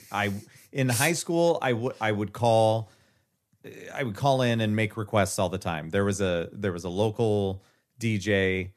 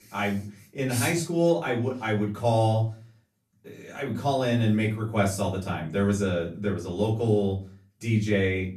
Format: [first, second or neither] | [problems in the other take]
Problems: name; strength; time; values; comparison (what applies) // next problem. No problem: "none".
first | room echo; slight; dies away in 0.3 s // off-mic speech; far